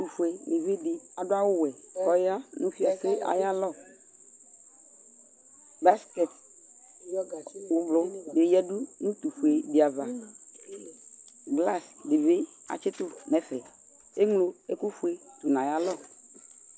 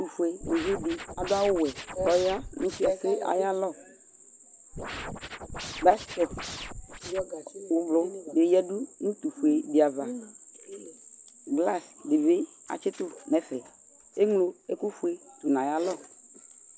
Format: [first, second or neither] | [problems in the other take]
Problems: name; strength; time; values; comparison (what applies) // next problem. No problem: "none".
first | background sound (Scratching (performance technique)); 10 dB below the speech